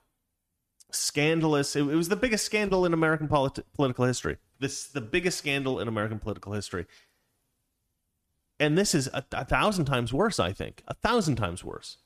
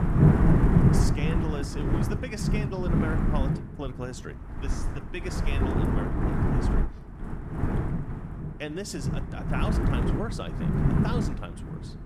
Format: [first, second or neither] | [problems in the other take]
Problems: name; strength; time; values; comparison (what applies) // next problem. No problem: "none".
first | wind noise on the microphone; heavy; 4 dB above the speech